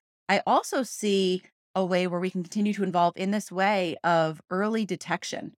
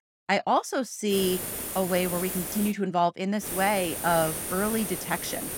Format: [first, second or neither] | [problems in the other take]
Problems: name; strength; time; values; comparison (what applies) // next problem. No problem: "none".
first | hiss; loud; from 1 to 2.5 s and from 3.5 s on; 4 dB below the speech